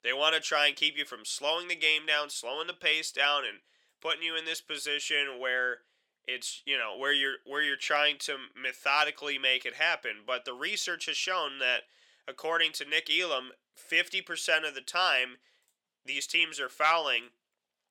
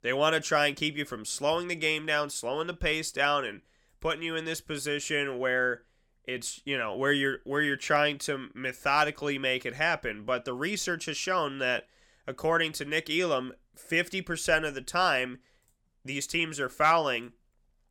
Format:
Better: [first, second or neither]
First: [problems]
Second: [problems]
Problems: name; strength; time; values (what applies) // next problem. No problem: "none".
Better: second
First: thin; somewhat; fading below 450 Hz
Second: none